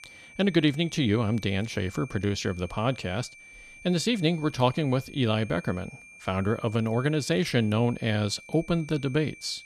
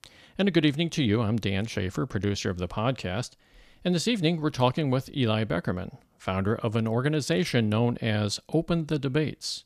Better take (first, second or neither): second